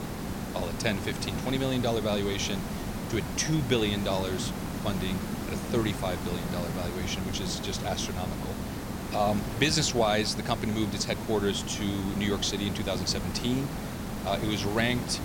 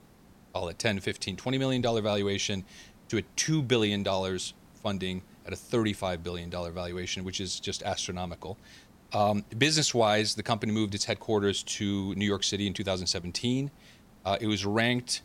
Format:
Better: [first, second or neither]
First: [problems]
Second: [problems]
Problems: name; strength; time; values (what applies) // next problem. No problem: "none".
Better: second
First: hiss; loud; throughout; 4 dB below the speech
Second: hiss; faint; throughout; 25 dB below the speech